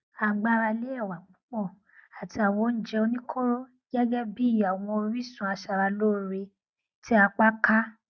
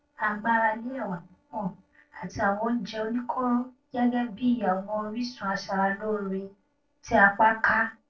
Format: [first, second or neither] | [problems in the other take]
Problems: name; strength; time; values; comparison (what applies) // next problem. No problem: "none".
first | noise reduction (neural separator model SepFormer DNS4)